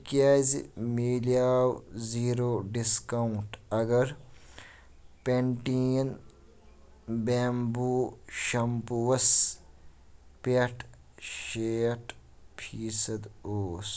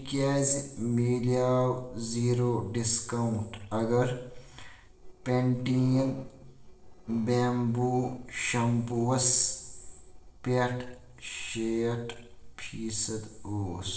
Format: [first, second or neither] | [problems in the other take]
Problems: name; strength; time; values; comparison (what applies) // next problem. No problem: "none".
first | noise reduction (neural separator model SepFormer DNS4)